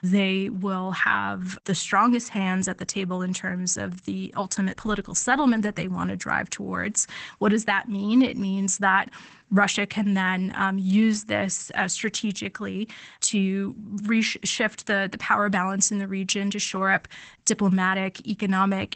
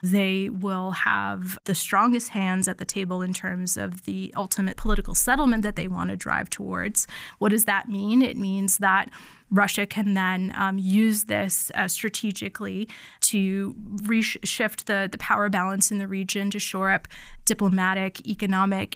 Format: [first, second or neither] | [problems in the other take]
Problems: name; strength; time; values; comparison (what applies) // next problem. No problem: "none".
second | garbled, watery; badly; nothing above 8 kHz; slightly in the second